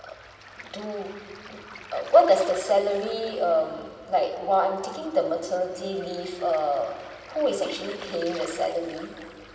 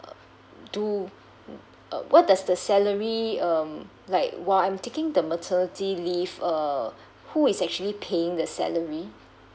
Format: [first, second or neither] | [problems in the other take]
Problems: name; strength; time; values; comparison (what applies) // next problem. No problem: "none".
second | background sound (Waves, surf); 19 dB below the speech // room echo; dies away in 2.3 s